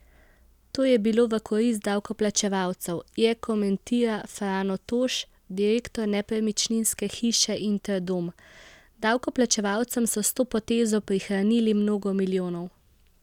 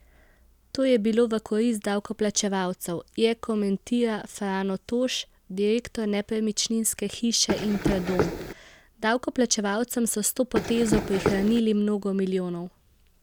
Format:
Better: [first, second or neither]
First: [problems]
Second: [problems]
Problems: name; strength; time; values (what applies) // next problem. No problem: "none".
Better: first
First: none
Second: background sound (Run); 2 dB below the speech